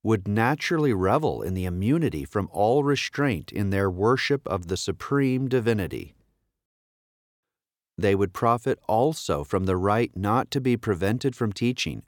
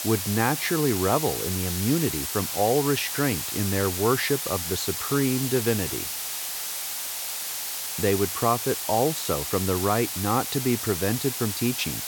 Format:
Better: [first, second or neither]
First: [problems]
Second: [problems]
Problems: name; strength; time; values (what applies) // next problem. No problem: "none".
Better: first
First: none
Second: hiss; loud; throughout; 3 dB below the speech